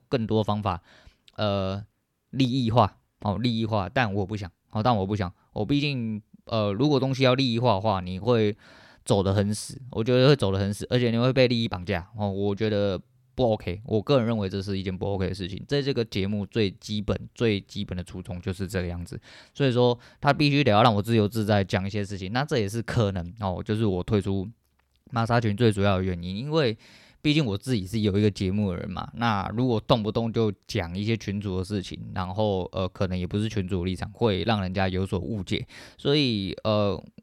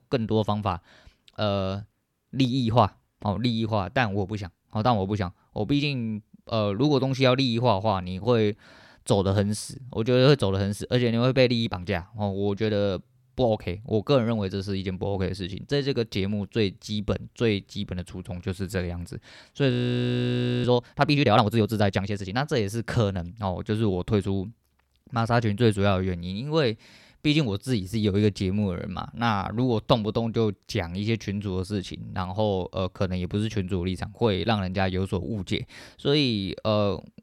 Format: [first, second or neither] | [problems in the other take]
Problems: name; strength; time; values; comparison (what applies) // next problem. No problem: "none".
first | audio freezing; at 20 s for 1 s